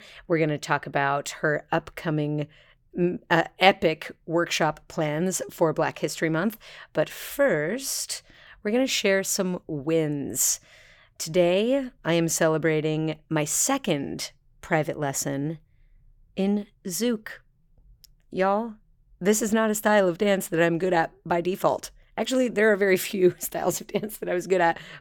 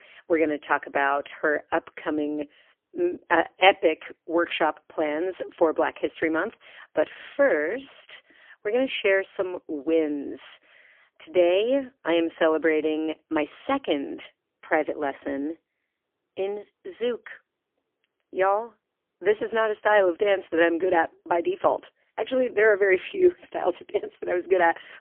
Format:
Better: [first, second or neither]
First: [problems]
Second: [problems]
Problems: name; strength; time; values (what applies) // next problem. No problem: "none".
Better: first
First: none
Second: phone-call audio; poor line; nothing above 3 kHz